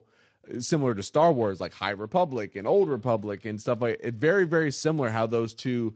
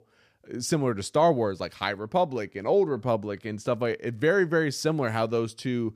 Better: second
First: garbled, watery; slightly; nothing above 7.5 kHz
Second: none

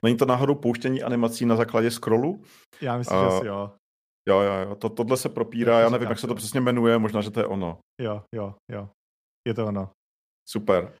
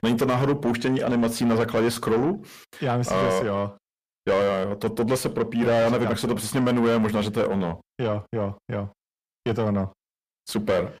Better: first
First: none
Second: distortion; heavy; 7 dB below the speech

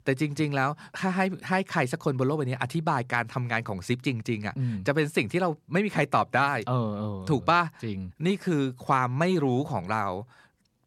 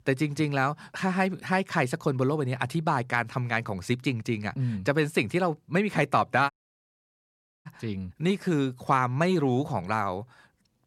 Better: first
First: none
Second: audio cutting out; at 6.5 s for 1 s

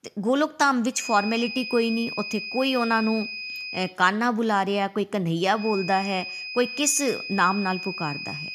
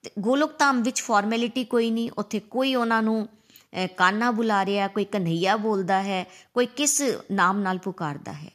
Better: second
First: high-pitched whine; loud; from 1 to 4 s and from 5.5 s on; 2.5 kHz, 8 dB below the speech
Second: none

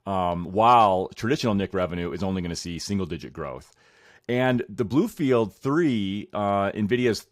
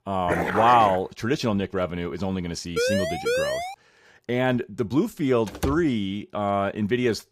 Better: first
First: none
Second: dog barking; noticeable; at 0.5 s; peak 1 dB below the speech // siren; noticeable; at 3 s; peak level with the speech // door banging; noticeable; at 5.5 s; peak 7 dB below the speech

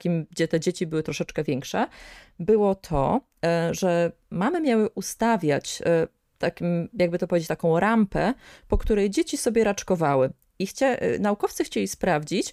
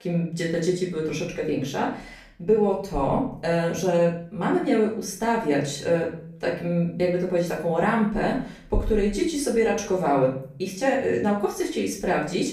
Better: first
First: none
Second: room echo; slight; dies away in 0.4 s // off-mic speech; far

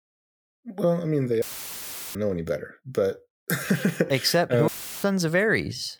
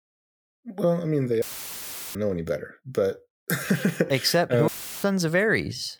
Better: neither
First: audio cutting out; filled with static; at 1.5 s for 0.5 s and at 4.5 s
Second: audio cutting out; filled with static; at 1.5 s for 0.5 s and at 4.5 s

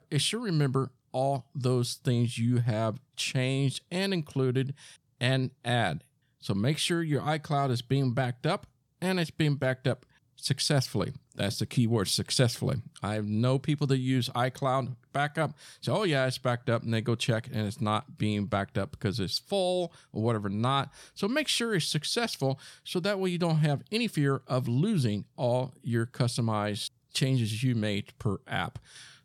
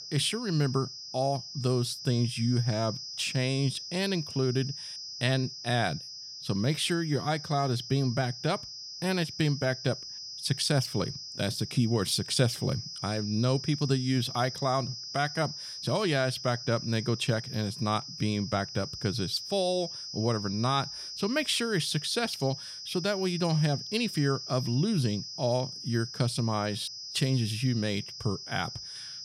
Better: first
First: none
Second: high-pitched whine; loud; throughout; 5 kHz, 8 dB below the speech

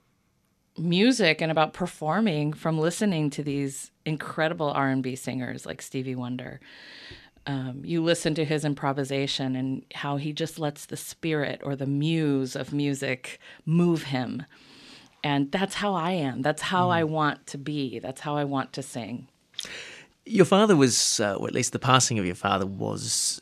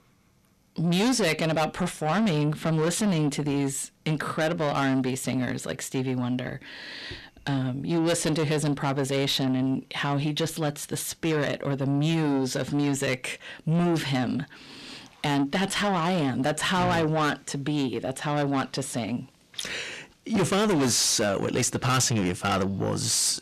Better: first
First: none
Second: distortion; heavy; 6 dB below the speech

